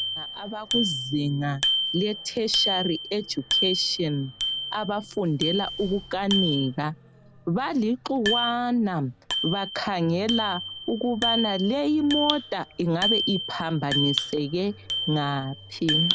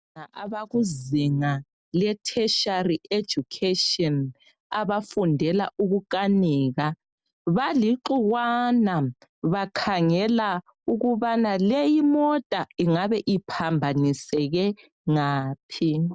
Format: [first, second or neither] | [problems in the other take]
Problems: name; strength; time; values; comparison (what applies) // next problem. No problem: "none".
second | background sound (Bicycle bell); 3 dB below the speech